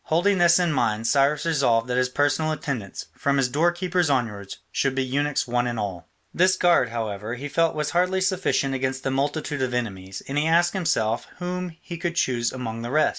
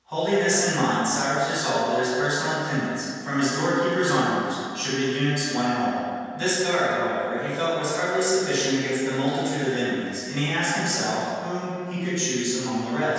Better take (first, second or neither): first